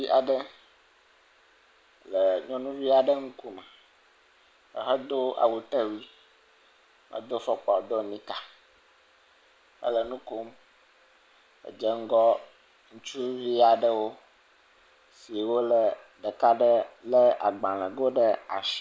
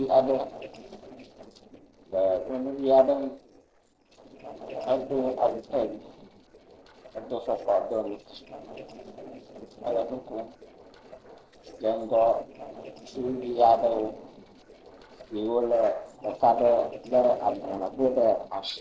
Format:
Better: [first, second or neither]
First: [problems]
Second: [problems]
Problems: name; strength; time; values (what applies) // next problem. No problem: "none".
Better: first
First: none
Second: noise reduction (neural separator model SepFormer DNS4)